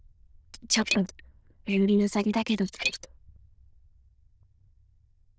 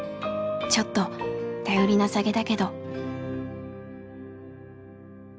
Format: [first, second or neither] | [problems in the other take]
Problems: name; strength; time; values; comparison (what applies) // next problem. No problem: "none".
second | noise reduction (neural diffusion model UNIVERSE++)